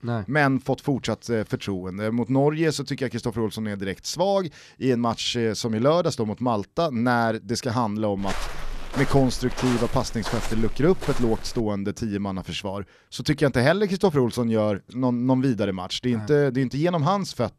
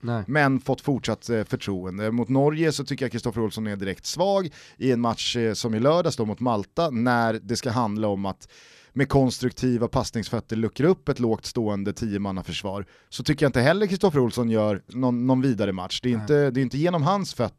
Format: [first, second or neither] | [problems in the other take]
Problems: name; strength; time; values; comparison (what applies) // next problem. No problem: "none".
second | footsteps; noticeable; from 8 to 12 s; peak 7 dB below the speech